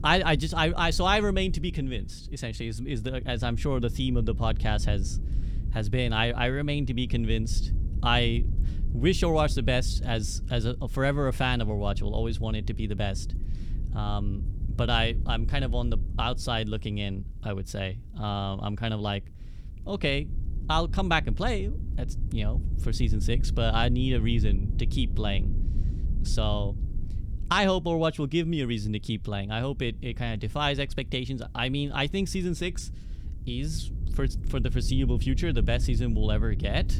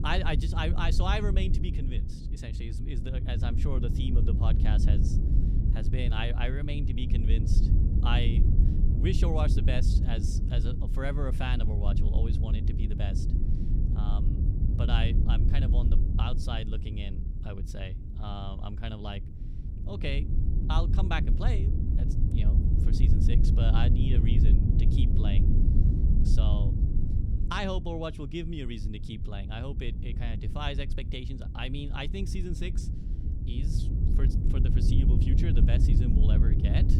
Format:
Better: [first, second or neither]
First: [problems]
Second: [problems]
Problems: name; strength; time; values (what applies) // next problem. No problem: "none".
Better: first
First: wind noise on the microphone; occasional gusts; 20 dB below the speech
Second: wind noise on the microphone; heavy; 4 dB below the speech